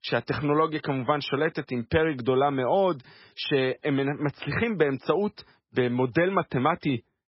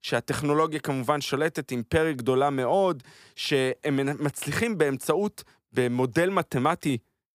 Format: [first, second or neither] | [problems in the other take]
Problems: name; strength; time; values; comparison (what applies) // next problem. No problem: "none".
second | garbled, watery; badly; nothing above 5.5 kHz